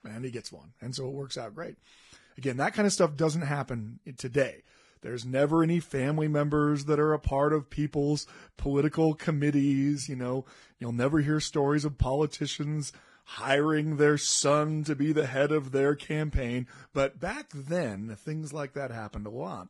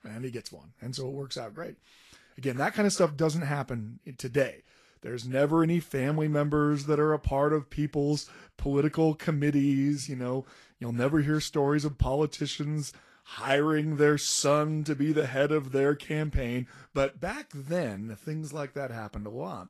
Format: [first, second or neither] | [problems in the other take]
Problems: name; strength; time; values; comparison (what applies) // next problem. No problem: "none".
second | garbled, watery; badly; slightly in the second